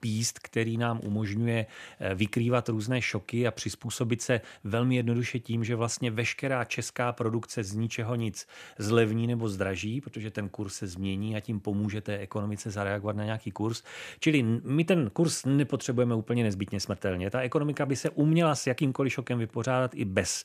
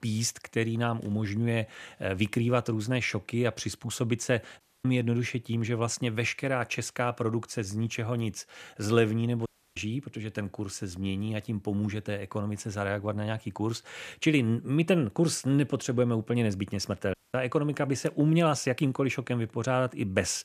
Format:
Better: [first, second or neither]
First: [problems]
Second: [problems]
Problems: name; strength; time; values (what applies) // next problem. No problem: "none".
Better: first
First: none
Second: audio cutting out; at 4.5 s, at 9.5 s and at 17 s